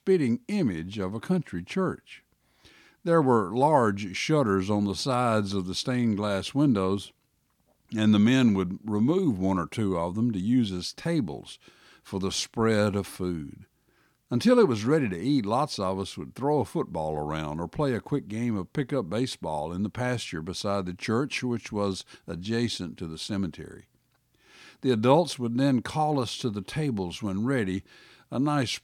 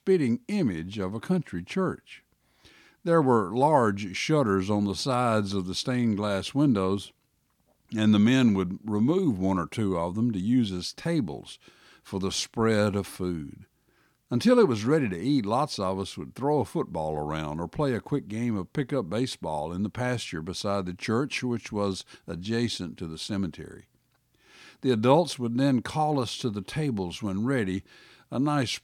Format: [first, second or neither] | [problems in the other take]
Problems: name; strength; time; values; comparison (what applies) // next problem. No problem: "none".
neither | none